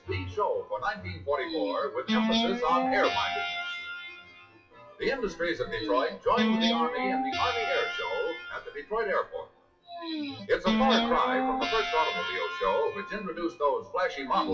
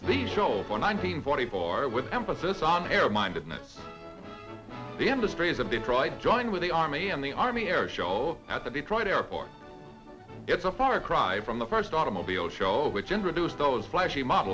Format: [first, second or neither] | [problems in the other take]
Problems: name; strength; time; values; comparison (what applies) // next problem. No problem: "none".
second | noise reduction (classical method WPE with log-MMSE)